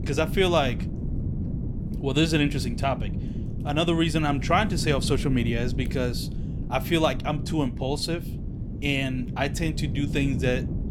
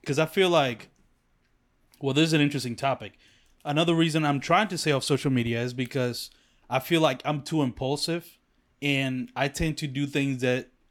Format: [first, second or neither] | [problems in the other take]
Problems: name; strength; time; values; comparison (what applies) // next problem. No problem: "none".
second | wind noise on the microphone; occasional gusts; 15 dB below the speech